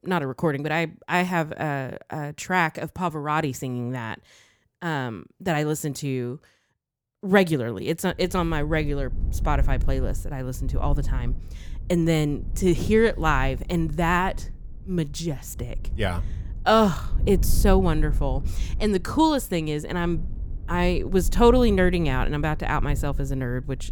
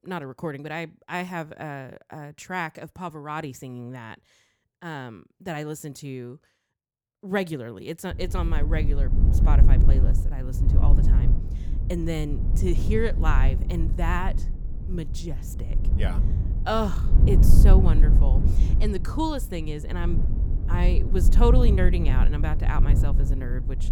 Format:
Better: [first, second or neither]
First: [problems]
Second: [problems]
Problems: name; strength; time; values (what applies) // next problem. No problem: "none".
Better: first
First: low rumble; faint; from 8 s on; 20 dB below the speech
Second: low rumble; loud; from 8 s on; 7 dB below the speech